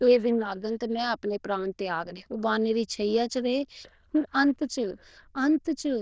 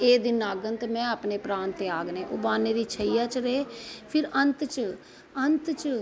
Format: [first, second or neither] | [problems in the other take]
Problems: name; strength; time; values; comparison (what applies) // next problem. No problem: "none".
second | noise reduction (neural diffusion model UNIVERSE++)